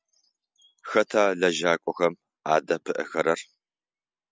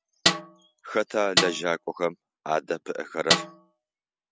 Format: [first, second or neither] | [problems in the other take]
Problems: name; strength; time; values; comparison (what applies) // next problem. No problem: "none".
first | background sound (Snare drum); 2 dB above the speech